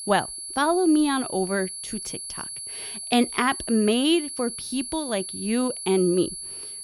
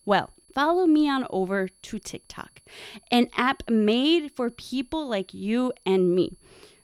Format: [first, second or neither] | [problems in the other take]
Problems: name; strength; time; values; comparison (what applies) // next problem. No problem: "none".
second | high-pitched whine; loud; throughout; 10.5 kHz, 8 dB below the speech; faint in the second